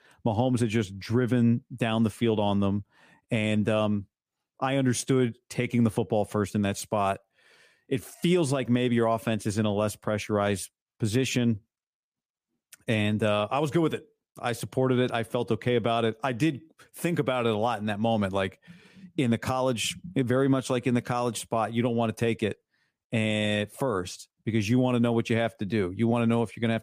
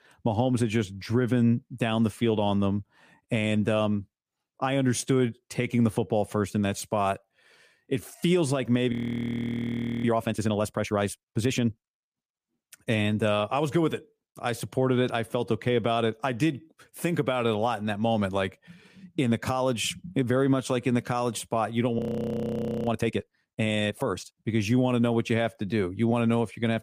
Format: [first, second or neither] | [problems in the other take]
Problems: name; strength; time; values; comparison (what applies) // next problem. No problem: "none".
first | audio freezing; at 9 s for 1 s and at 22 s for 1 s